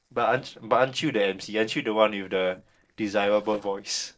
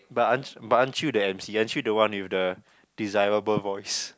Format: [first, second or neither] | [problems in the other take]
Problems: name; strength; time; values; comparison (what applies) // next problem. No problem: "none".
second | noise reduction (neural separator model SepFormer DNS4)